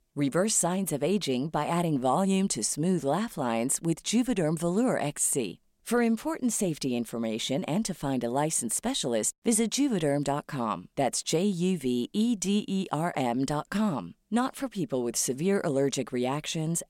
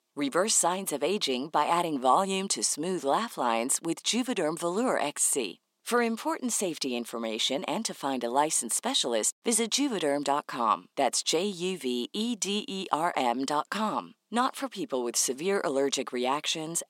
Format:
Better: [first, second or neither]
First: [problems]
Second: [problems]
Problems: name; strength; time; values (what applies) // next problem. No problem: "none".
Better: first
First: none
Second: thin; somewhat; fading below 250 Hz